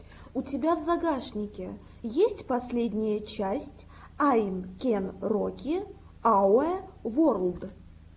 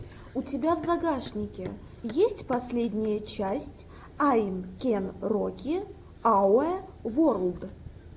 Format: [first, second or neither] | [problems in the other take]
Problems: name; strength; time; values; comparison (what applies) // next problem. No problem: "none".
first | background sound (Run); 20 dB below the speech